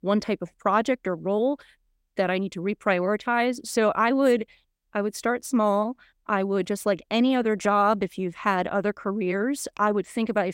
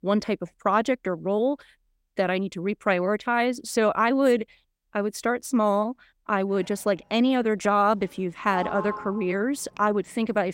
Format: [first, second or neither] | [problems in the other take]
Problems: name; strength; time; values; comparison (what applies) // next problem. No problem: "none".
first | household noises; noticeable; from 7 s on; 15 dB below the speech